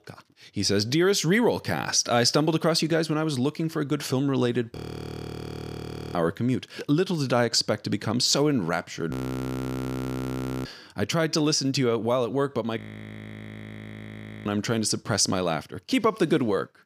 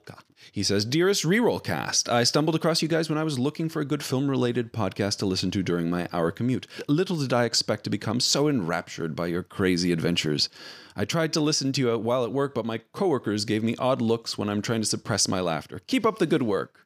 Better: second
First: audio freezing; at 5 s for 1.5 s, at 9 s for 1.5 s and at 13 s for 1.5 s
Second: none

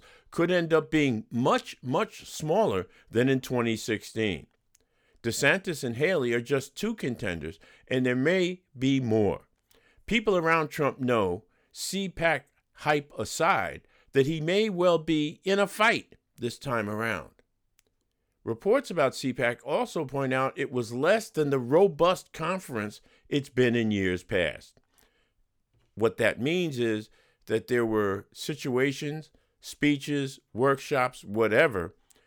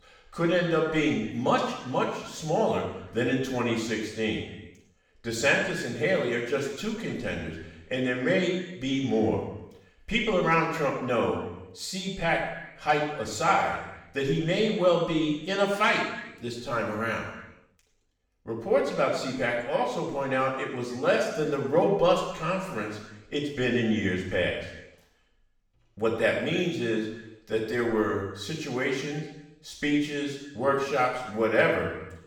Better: first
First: none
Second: room echo; noticeable; dies away in 0.9 s // off-mic speech; far

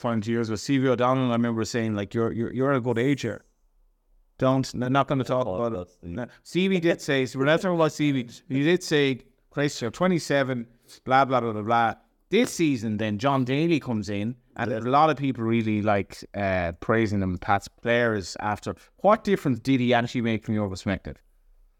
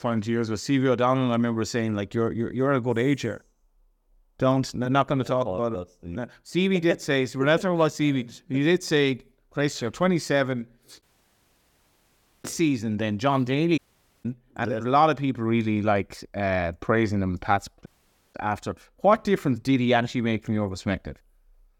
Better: first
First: none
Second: audio cutting out; at 11 s for 1.5 s, at 14 s and at 18 s

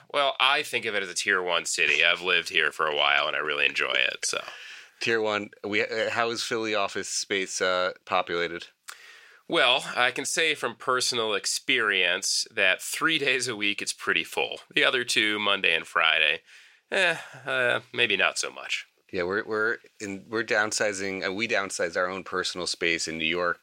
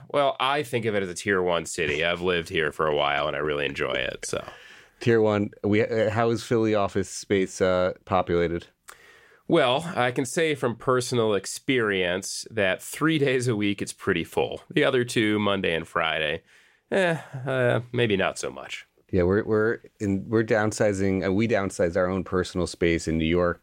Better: second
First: thin; somewhat; fading below 900 Hz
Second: none

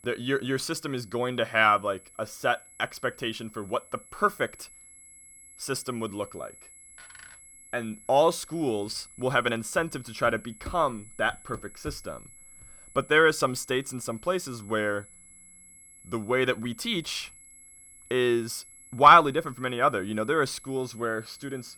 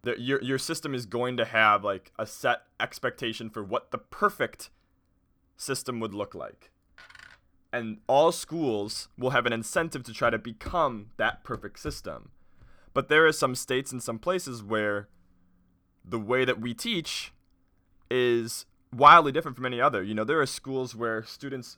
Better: second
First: high-pitched whine; faint; throughout; 11 kHz, 20 dB below the speech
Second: none

